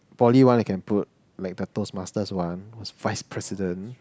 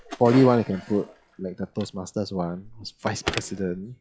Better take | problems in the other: first | noise reduction (classical method log-MMSE)

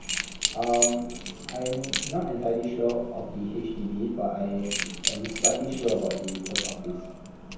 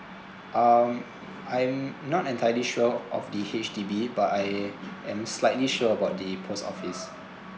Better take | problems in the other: second | background sound (Keys jangling); 3 dB below the speech // room echo; dies away in 0.9 s

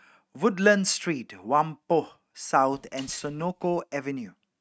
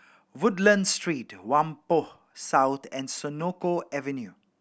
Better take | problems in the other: second | noise reduction (neural mask model RNNoise)

